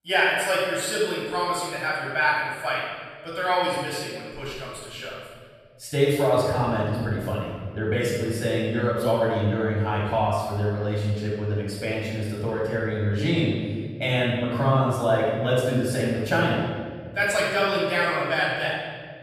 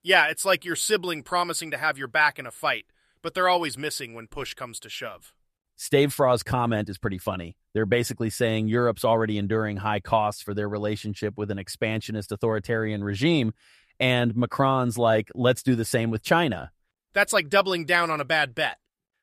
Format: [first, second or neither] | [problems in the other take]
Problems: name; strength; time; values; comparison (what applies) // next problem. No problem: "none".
second | off-mic speech; far // room echo; strong; dies away in 1.8 s